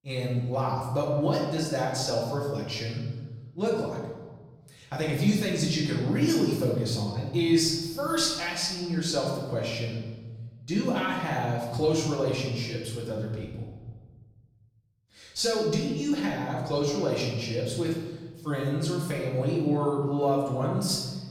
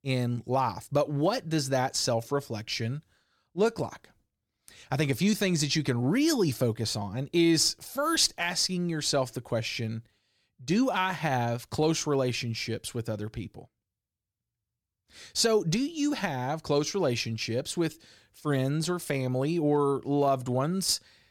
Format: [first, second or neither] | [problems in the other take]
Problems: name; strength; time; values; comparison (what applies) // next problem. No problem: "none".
second | off-mic speech; far // room echo; noticeable; dies away in 1.5 s